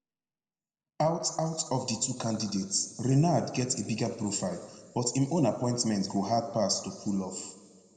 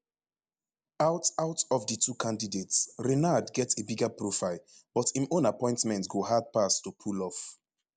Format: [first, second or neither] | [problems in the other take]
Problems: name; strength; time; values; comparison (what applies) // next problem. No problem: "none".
second | room echo; dies away in 1.7 s